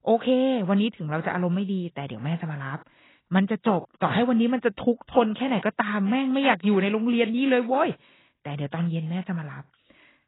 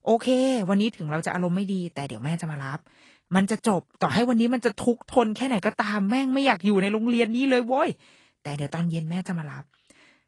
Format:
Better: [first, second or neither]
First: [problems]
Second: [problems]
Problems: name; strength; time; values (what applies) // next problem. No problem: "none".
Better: second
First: garbled, watery; badly; nothing above 4 kHz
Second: garbled, watery; slightly; nothing above 10.5 kHz